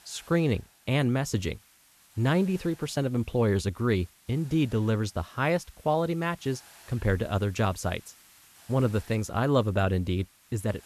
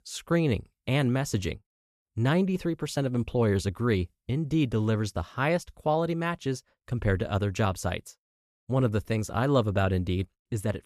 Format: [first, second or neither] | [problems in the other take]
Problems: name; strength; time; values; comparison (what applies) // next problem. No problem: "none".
second | hiss; faint; throughout; 25 dB below the speech